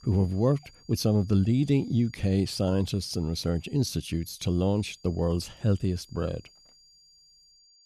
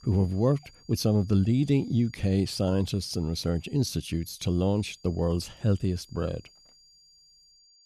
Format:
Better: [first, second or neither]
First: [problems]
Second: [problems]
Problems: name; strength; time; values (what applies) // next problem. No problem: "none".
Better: neither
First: high-pitched whine; faint; throughout; 4.5 kHz, 30 dB below the speech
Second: high-pitched whine; faint; throughout; 4.5 kHz, 30 dB below the speech